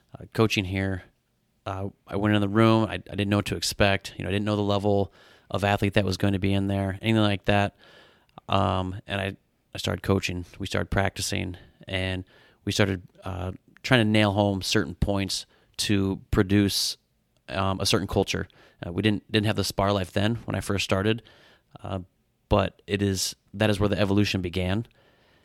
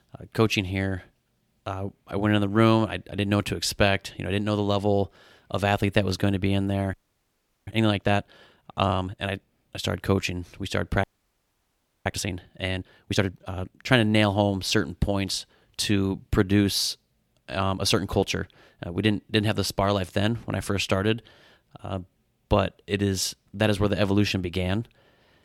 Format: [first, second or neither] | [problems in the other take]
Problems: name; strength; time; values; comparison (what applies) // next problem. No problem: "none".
first | audio freezing; at 7 s for 0.5 s and at 11 s for 1 s